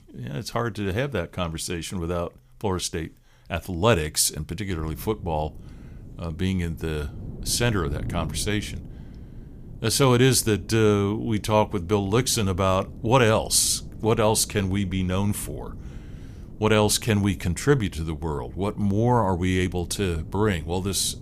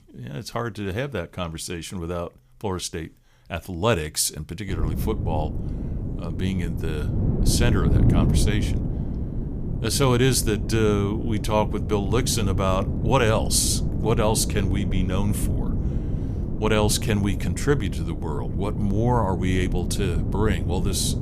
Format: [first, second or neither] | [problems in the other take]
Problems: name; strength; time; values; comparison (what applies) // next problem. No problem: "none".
first | wind noise on the microphone; heavy; from 4.5 s on; 9 dB below the speech; occasional gusts in the first